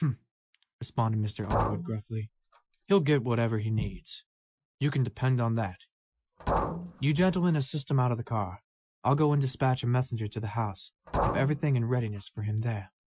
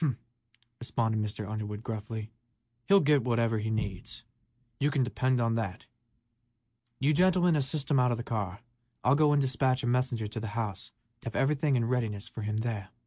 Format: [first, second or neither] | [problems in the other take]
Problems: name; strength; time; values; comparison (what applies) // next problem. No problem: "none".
second | noise reduction (classical method Wiener filter)